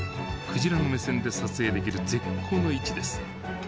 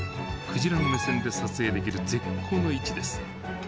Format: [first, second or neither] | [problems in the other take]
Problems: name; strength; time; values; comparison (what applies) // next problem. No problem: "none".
first | background sound (Alarm); 7 dB below the speech